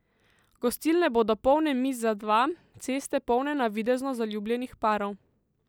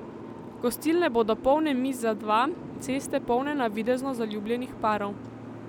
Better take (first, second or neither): first